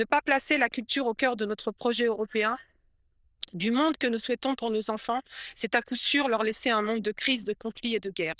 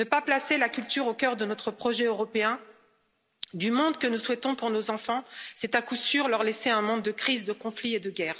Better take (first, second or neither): second